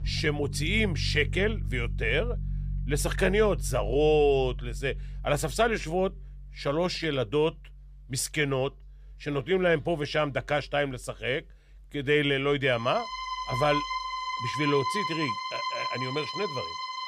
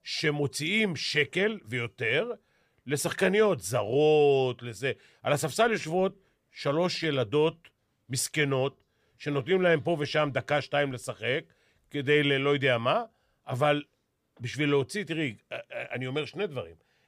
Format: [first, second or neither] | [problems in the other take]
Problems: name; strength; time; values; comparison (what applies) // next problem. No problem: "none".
second | background music; loud; throughout; 6 dB below the speech